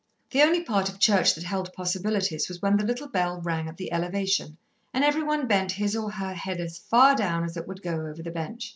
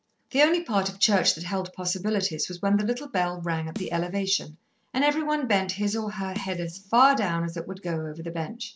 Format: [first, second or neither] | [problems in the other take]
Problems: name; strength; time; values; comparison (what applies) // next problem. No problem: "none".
first | background sound (Snare drum); 19 dB below the speech